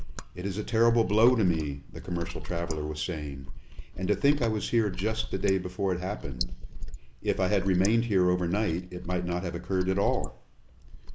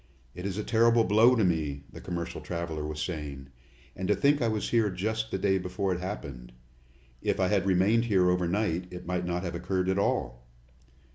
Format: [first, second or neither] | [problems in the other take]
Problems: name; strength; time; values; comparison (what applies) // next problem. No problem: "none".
second | noise reduction (neural mask model Resemble Enhance denoiser)